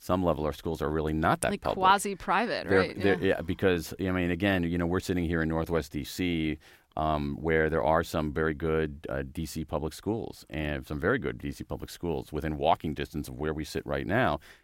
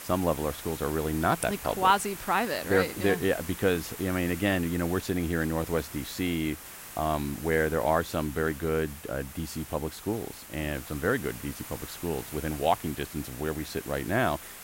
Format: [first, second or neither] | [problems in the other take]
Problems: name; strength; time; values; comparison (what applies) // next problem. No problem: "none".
first | hiss; noticeable; throughout; 10 dB below the speech